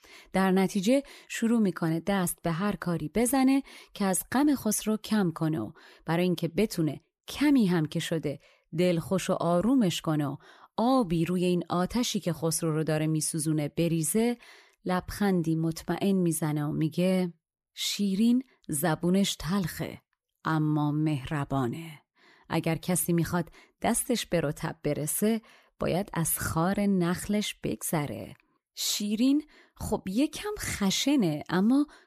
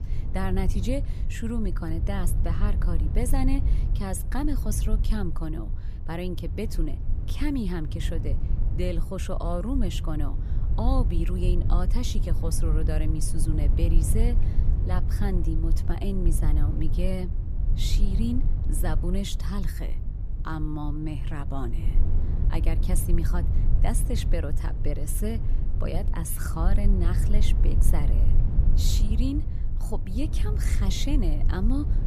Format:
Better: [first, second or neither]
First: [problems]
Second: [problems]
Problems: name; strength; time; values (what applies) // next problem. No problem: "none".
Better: first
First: none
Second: low rumble; loud; throughout; 8 dB below the speech